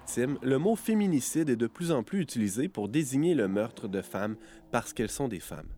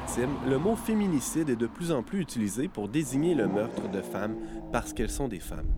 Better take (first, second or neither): first